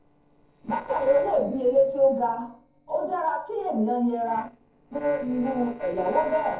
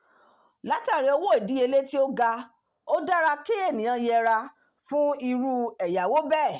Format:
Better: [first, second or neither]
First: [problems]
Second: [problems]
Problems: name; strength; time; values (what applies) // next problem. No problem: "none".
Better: second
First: noise reduction (neural separator model SepFormer DNS4)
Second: none